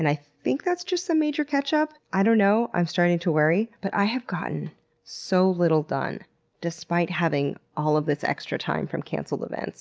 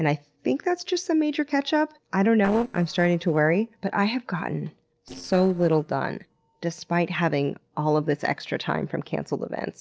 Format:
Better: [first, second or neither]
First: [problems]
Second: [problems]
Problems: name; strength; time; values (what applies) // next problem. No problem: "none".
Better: first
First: none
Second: noise reduction (neural separator model SepFormer DNS4)